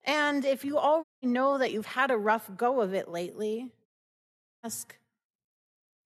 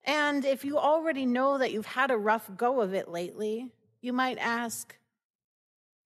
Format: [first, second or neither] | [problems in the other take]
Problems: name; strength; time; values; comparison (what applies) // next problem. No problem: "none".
second | audio cutting out; at 1 s and at 4 s for 1 s